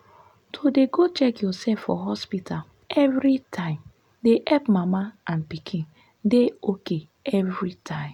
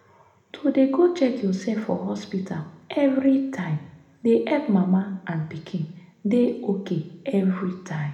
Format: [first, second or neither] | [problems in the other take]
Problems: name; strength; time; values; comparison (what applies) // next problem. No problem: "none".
first | room echo; dies away in 0.7 s